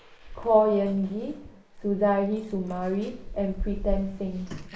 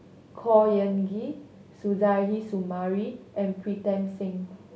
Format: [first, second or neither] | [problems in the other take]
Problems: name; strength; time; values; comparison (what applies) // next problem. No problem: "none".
second | noise reduction (neural mask model Resemble Enhance denoiser)